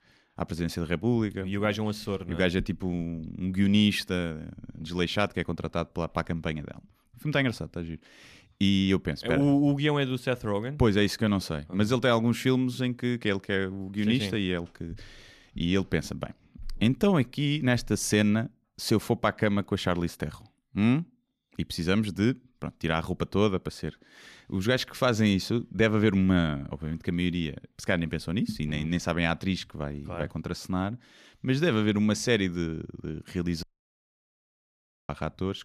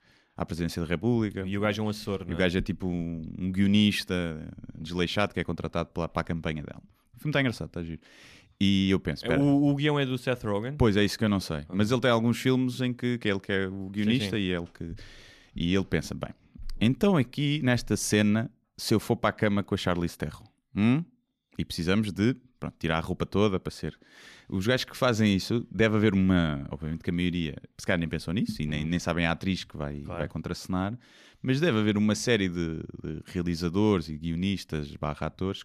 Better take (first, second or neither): second